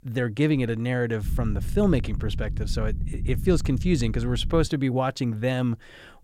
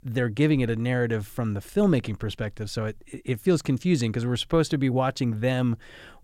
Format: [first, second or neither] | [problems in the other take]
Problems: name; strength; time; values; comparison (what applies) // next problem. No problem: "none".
second | low rumble; noticeable; from 1 to 4.5 s; 15 dB below the speech